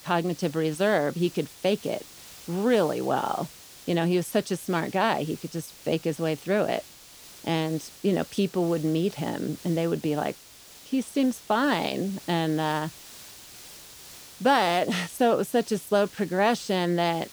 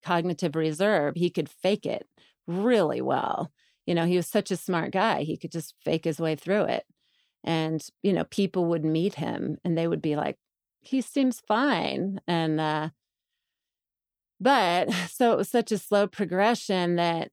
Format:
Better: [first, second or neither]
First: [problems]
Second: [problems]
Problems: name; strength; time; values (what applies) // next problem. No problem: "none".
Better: second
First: hiss; noticeable; throughout; 20 dB below the speech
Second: none